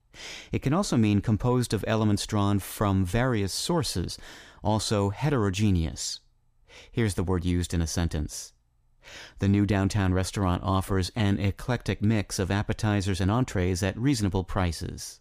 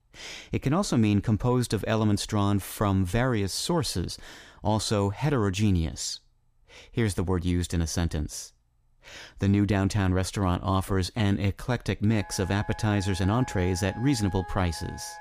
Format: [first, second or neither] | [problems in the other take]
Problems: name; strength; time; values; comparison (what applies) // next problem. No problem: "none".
first | background music; noticeable; from 4 s on; 15 dB below the speech